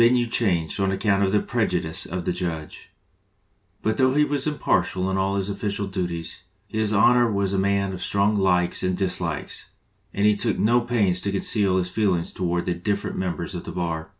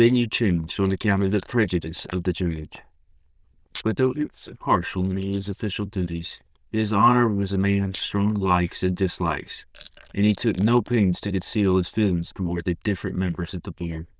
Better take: first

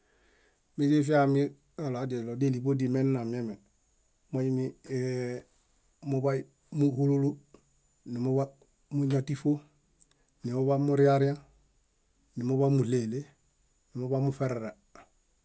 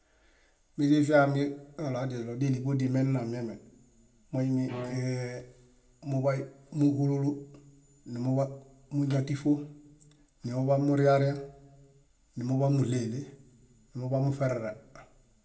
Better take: first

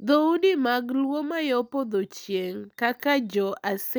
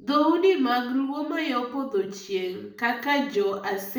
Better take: first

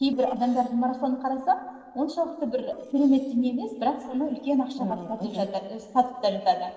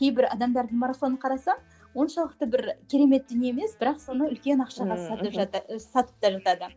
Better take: second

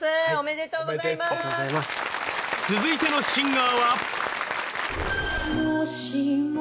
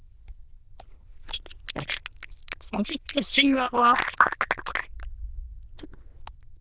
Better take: first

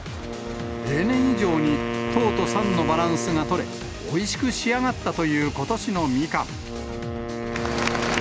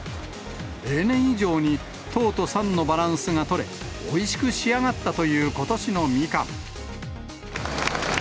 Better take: second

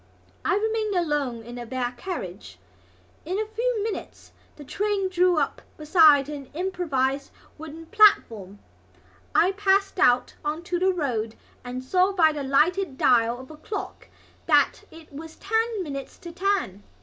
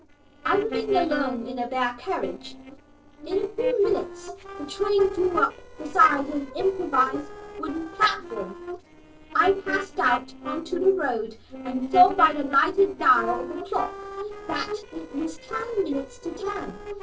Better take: first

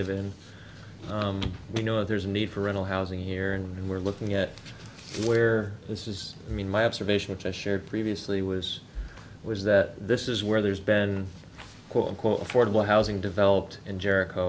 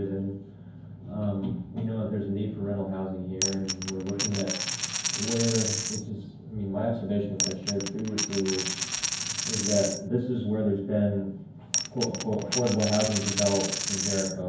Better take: first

